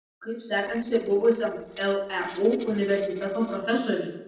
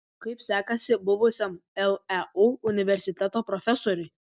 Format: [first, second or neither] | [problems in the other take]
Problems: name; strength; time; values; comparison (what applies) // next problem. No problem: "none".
second | noise reduction (neural separator model SepFormer DNS4)